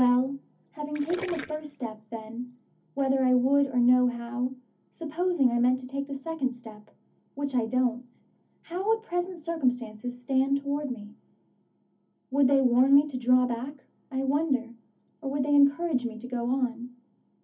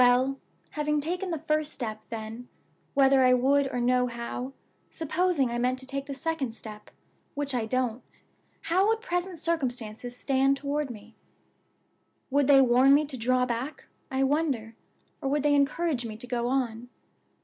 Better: second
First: background sound (Gurgling); 19 dB below the speech // room echo; dies away in 0.3 s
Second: none

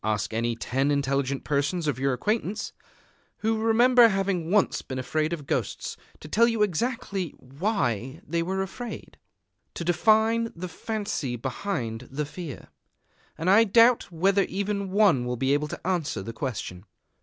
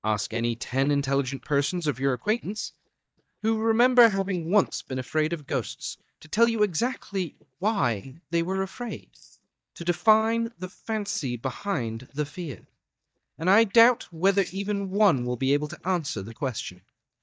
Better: first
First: none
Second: noise reduction (neural mask model DeepFilterNet 3)

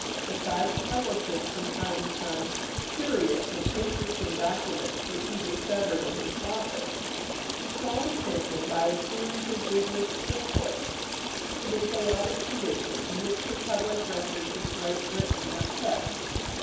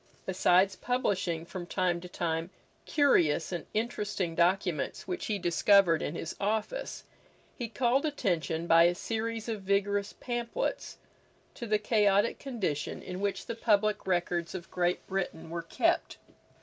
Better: second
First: background sound (Stream); as loud as the speech // room echo; dies away in 2.2 s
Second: none

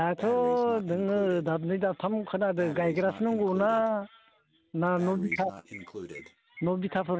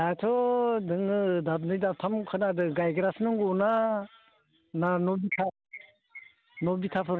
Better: second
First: background sound (Breathing); 16 dB below the speech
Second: none

